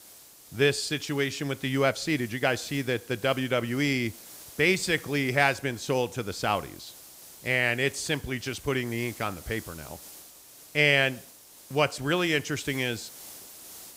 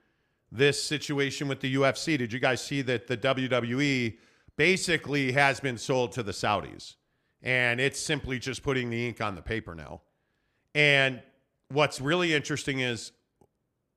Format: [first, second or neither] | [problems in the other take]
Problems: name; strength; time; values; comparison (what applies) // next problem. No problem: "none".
second | hiss; noticeable; throughout; 20 dB below the speech